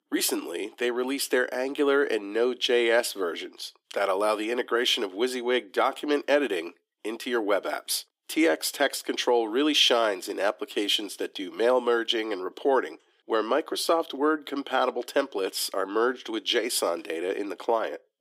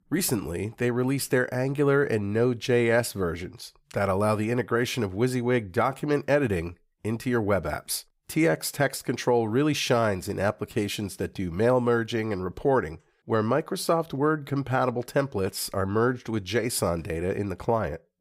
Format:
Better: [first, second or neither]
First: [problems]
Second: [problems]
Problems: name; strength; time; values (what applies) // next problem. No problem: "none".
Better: second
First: thin; somewhat; fading below 300 Hz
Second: none